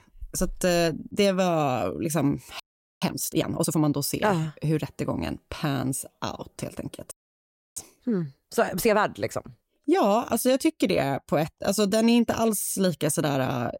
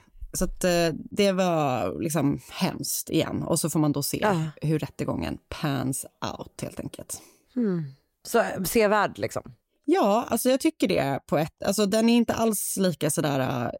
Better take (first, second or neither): second